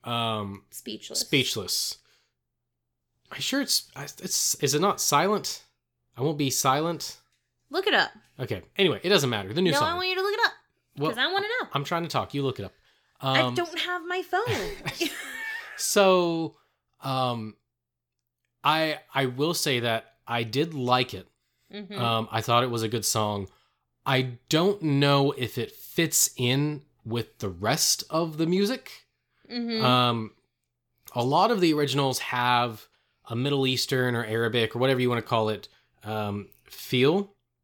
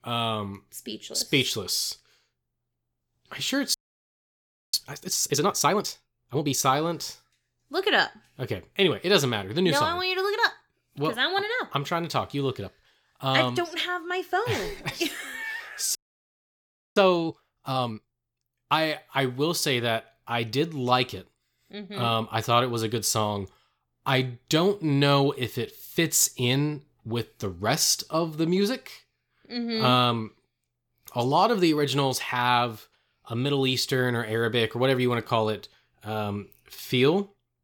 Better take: first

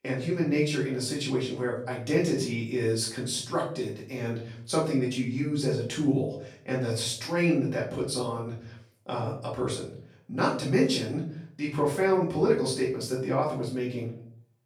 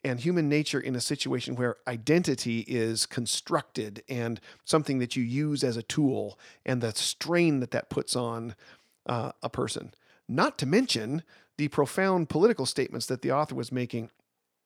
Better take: second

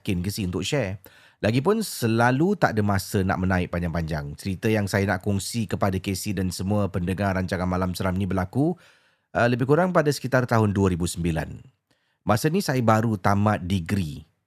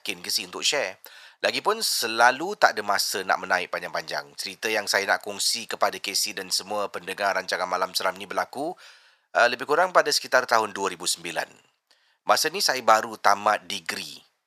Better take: first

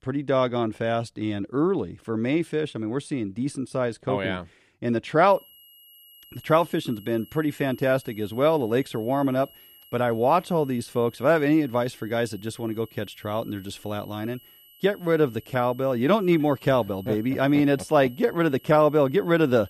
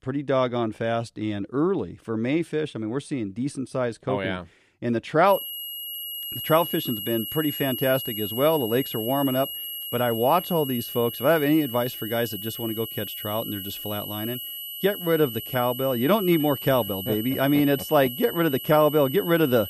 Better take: first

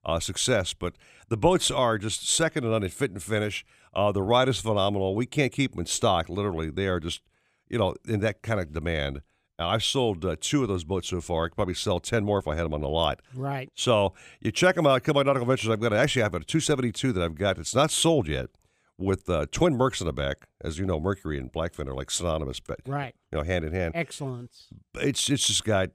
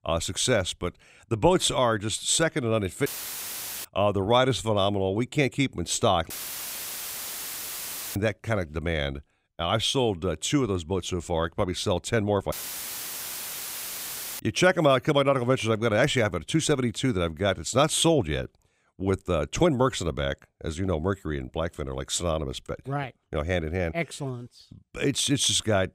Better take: first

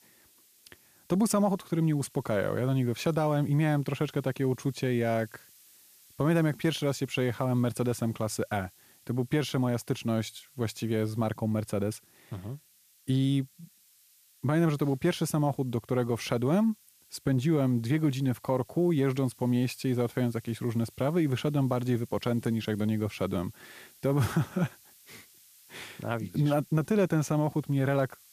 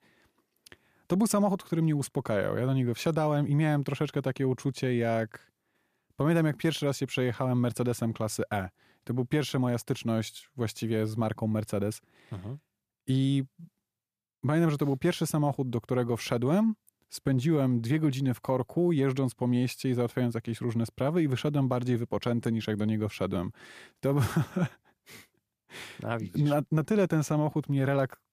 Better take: second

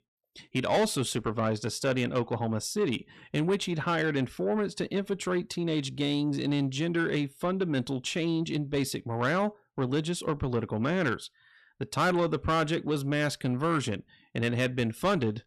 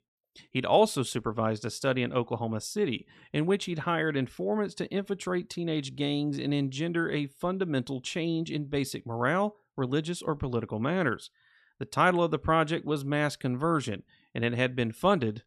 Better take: second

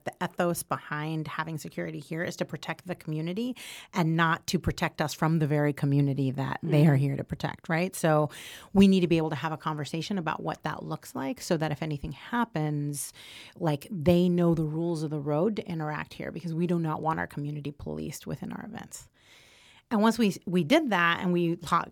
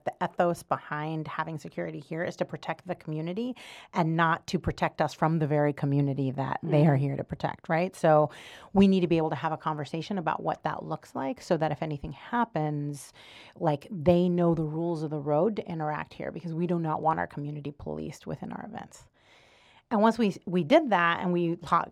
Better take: first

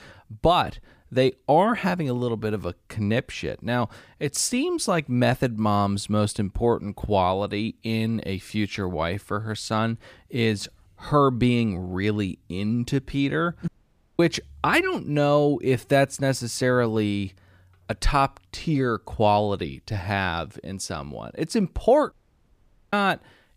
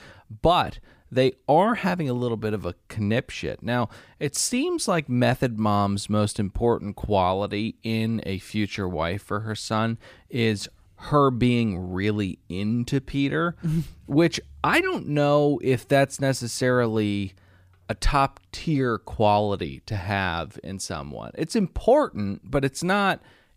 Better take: second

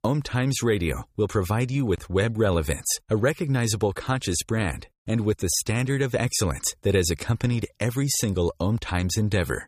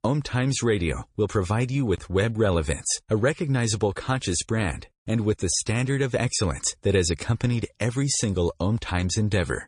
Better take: first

